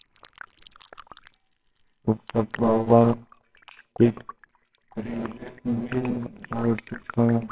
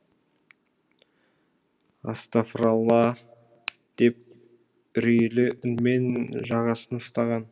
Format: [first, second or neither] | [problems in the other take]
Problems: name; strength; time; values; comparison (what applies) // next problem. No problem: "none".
second | noise reduction (neural separator model SepFormer WHAMR!)